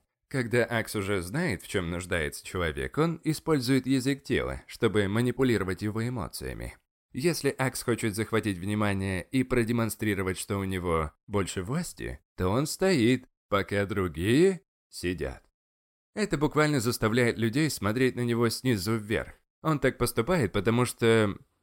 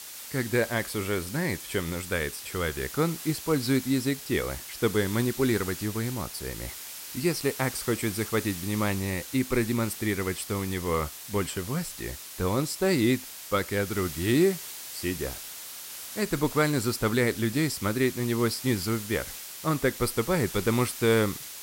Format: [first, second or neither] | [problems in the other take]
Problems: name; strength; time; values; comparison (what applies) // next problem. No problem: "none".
first | hiss; loud; throughout; 10 dB below the speech